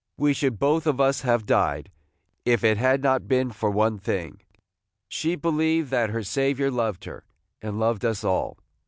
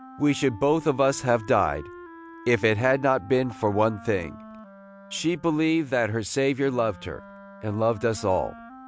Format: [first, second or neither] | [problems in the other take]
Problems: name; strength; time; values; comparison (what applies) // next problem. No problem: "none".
first | background sound (Wind instrument, woodwind instrument); 19 dB below the speech